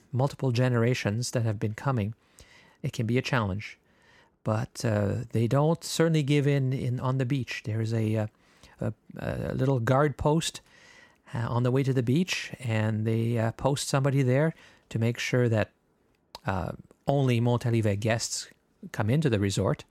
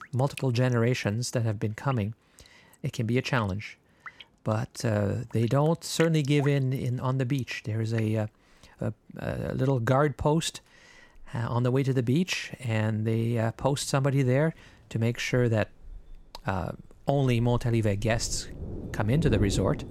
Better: first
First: none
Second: rain or running water; noticeable; throughout; 15 dB below the speech

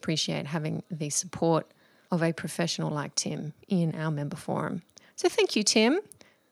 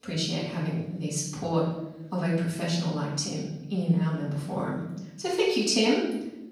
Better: first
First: none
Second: off-mic speech; far // room echo; noticeable; dies away in 0.9 s

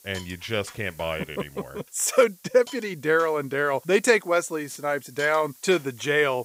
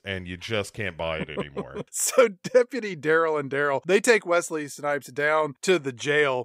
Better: second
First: hiss; faint; throughout; 20 dB below the speech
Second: none

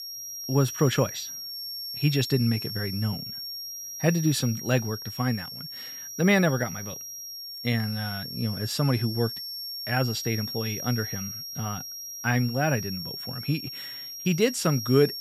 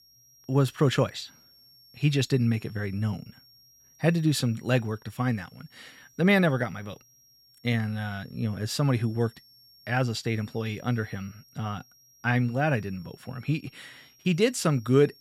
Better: second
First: high-pitched whine; loud; throughout; 5.5 kHz, 7 dB below the speech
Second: high-pitched whine; faint; throughout; 5.5 kHz, 30 dB below the speech

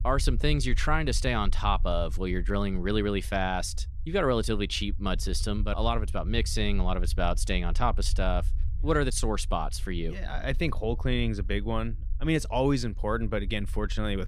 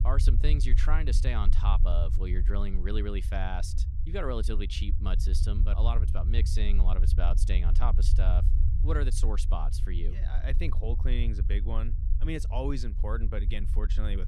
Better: first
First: low rumble; faint; throughout; 25 dB below the speech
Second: low rumble; loud; throughout; 10 dB below the speech

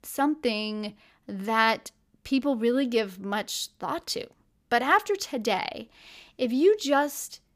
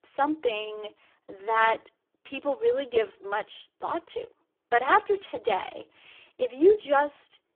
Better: first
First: none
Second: phone-call audio; poor line

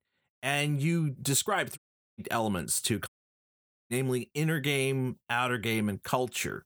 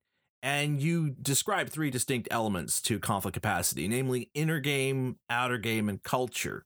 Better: second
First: audio cutting out; at 2 s and at 3 s for 1 s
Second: none

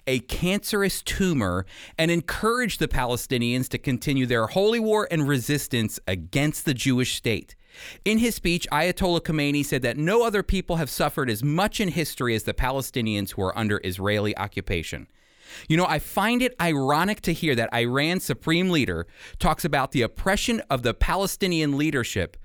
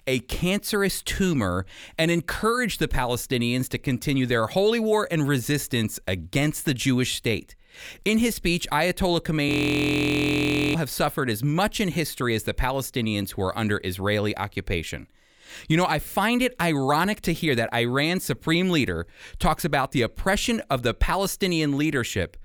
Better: first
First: none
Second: audio freezing; at 9.5 s for 1.5 s

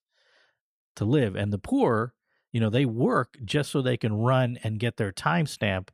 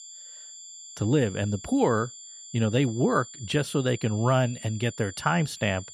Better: first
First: none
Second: high-pitched whine; noticeable; throughout; 7 kHz, 15 dB below the speech

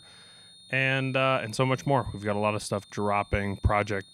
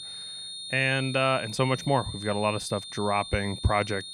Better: first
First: high-pitched whine; faint; throughout; 3.5 kHz, 25 dB below the speech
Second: high-pitched whine; loud; throughout; 3.5 kHz, 10 dB below the speech

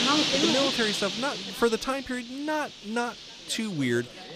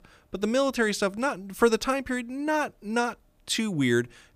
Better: second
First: animal sounds; very loud; throughout; 3 dB above the speech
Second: none

